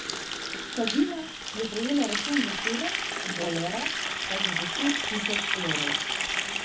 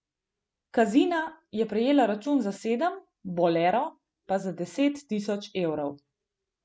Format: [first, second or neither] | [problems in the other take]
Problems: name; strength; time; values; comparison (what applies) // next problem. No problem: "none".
second | background sound (Water tap, faucet); 2 dB above the speech // room echo; dies away in 0.4 s